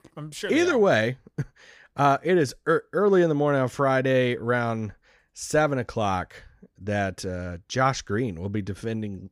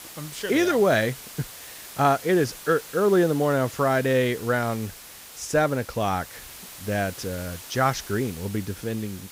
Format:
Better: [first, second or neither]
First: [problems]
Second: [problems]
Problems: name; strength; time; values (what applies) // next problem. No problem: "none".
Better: first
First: none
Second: hiss; noticeable; throughout; 15 dB below the speech